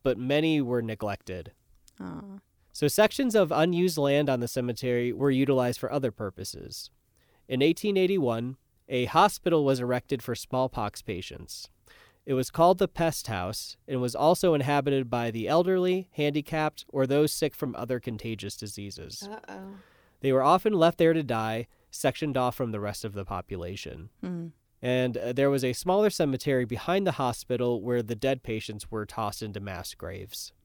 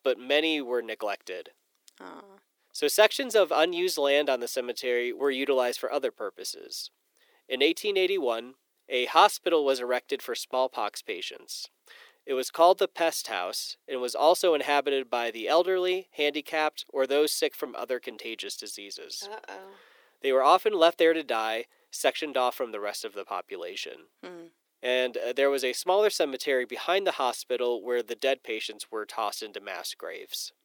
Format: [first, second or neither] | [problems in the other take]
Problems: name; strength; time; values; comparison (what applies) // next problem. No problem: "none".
first | thin; somewhat; fading below 350 Hz